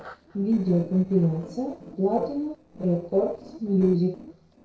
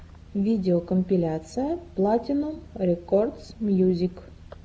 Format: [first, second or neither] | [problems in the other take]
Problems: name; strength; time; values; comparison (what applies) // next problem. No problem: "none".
second | noise reduction (neural separator model SepFormer DNS4)